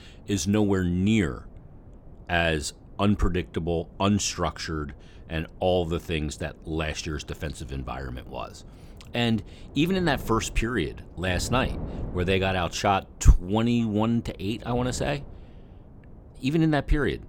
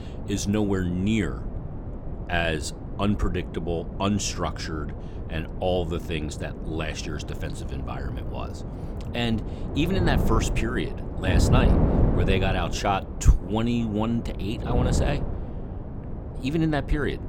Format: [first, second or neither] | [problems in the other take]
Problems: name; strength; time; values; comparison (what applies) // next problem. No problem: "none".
first | wind noise on the microphone; heavy; 7 dB below the speech; occasional gusts in the first